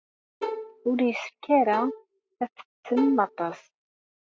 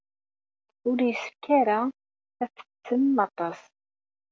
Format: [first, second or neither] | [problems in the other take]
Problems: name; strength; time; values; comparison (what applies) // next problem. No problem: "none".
second | noise reduction (classical method spectral subtraction)